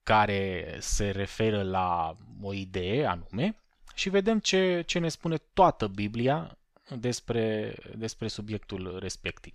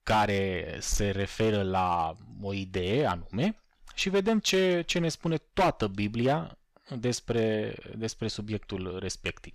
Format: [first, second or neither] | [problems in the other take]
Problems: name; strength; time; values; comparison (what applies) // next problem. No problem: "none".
first | distortion; slight; 4% of the sound clipped